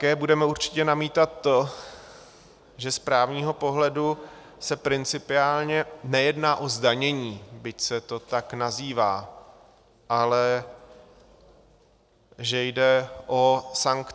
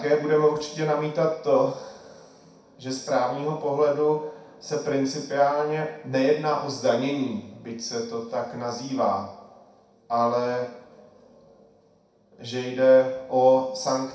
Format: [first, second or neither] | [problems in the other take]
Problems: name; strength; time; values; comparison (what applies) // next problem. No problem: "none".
first | room echo; dies away in 0.6 s